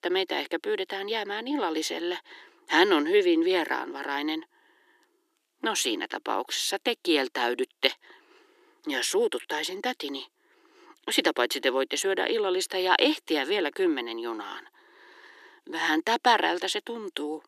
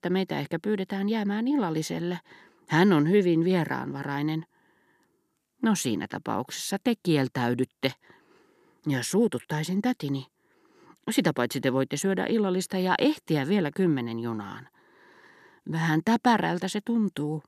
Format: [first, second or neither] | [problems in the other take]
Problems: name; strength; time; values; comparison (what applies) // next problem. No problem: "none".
second | thin; somewhat; fading below 300 Hz